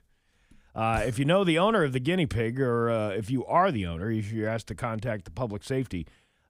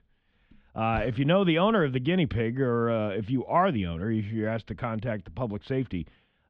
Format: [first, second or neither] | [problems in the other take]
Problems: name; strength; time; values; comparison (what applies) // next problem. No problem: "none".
first | muffled; slightly; fading above 3.5 kHz